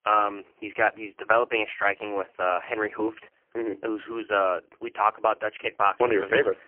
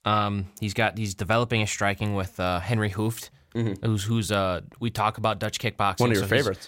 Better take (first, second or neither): second